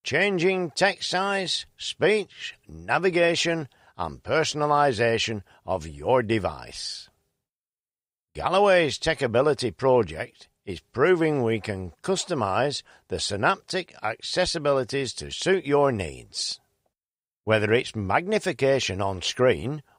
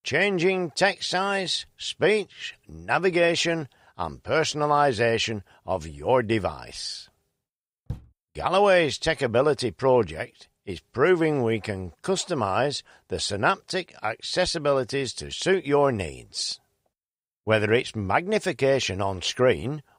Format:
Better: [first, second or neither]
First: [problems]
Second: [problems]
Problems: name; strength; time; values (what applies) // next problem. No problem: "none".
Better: first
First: none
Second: door banging; faint; at 8 s; peak 15 dB below the speech